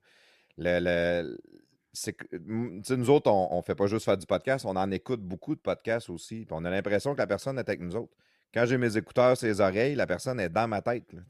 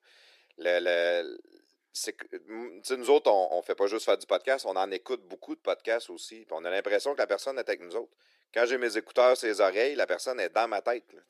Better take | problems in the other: first | thin; very; fading below 350 Hz

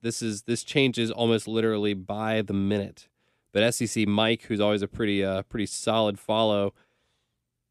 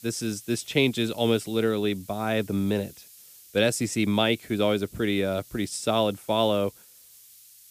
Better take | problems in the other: first | hiss; faint; throughout; 20 dB below the speech

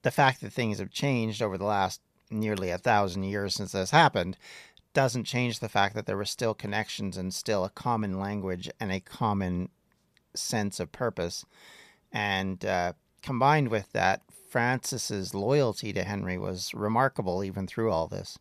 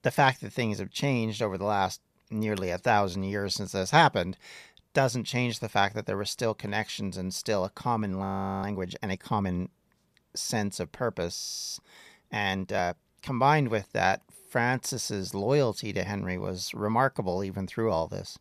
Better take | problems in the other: first | audio freezing; at 8 s and at 11 s

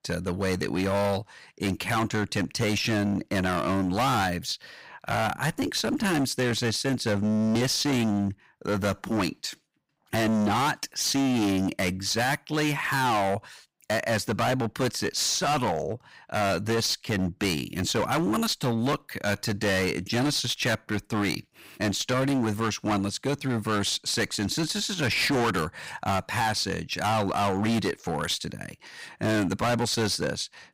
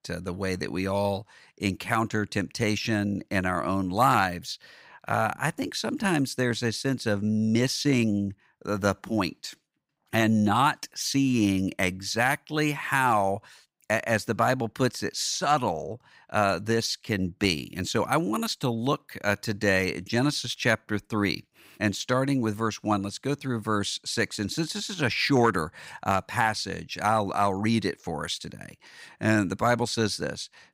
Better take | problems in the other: second | distortion; heavy; 19% of the sound clipped

